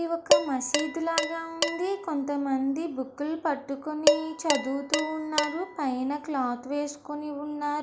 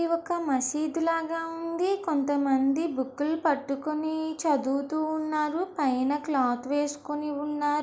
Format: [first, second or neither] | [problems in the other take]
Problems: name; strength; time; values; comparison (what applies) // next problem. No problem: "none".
second | background sound (Dishes, pots, and pans); 1 dB below the speech